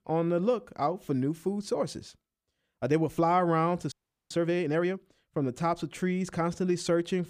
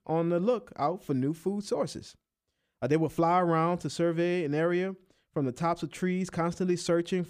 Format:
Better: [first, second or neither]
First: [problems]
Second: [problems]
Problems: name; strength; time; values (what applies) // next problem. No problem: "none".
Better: second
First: audio freezing; at 4 s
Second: none